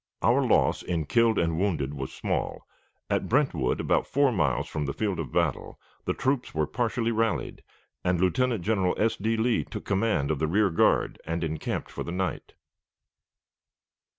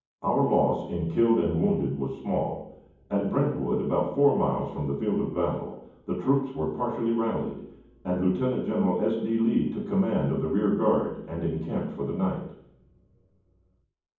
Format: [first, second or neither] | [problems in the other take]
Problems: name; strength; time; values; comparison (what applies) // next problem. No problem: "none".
first | room echo; dies away in 1.2 s